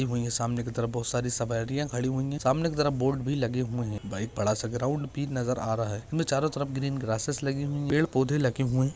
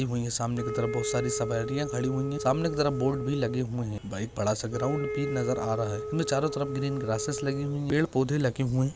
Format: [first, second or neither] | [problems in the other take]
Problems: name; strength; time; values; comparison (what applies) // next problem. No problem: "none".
first | background sound (Wind instrument, woodwind instrument); 7 dB below the speech